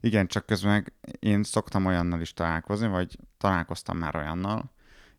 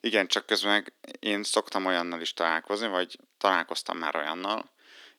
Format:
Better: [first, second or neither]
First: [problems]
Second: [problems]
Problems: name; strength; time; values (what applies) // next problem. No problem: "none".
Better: first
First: none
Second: thin; somewhat; fading below 300 Hz